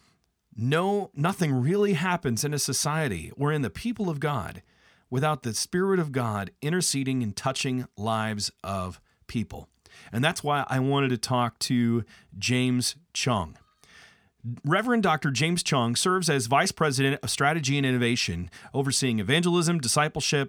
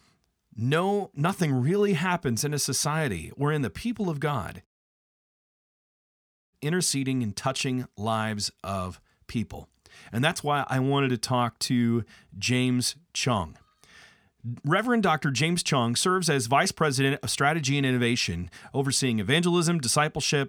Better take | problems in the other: first | audio cutting out; at 4.5 s for 2 s

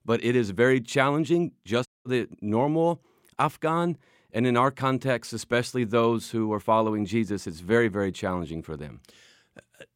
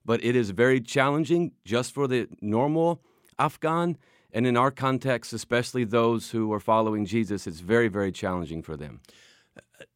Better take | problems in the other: second | audio cutting out; at 2 s

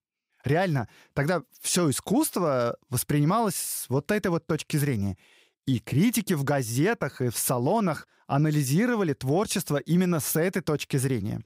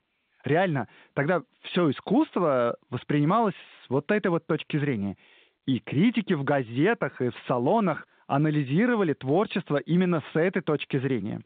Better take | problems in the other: first | phone-call audio; nothing above 4 kHz

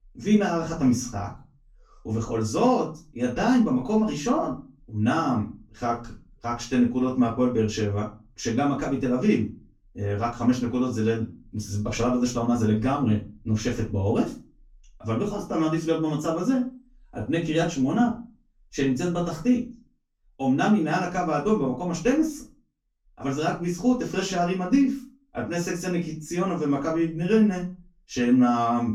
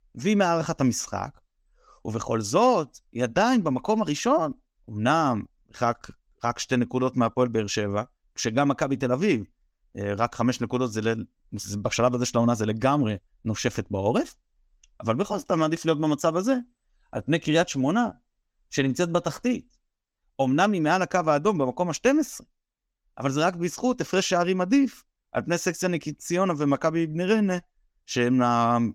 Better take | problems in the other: second | off-mic speech; far // room echo; slight; dies away in 0.3 s

